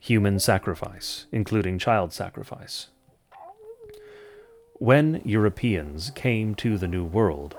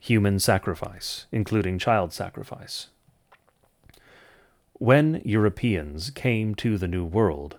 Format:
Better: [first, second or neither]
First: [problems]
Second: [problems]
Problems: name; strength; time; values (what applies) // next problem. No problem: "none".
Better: second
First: animal sounds; faint; throughout; 25 dB below the speech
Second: none